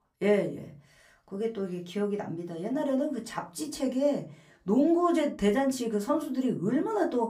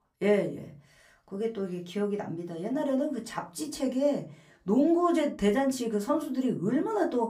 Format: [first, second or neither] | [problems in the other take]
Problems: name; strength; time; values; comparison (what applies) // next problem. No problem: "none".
neither | off-mic speech; far; the same in both // room echo; very slight; dies away in 0.2 s; the same in both